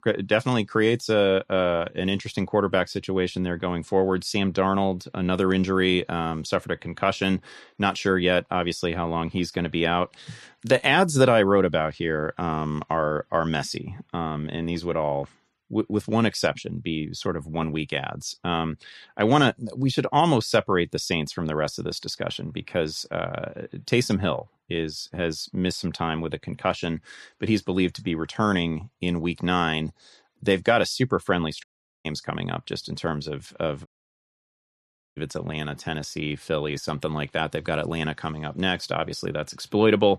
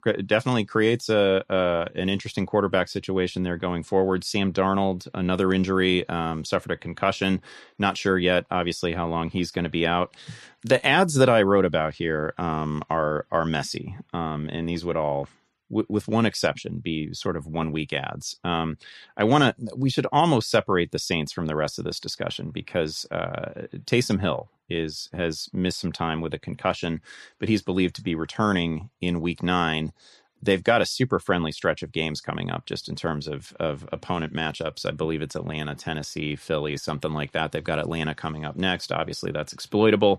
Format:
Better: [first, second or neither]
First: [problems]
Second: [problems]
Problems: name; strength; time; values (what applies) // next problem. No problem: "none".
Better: second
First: audio cutting out; at 32 s and at 34 s for 1.5 s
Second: none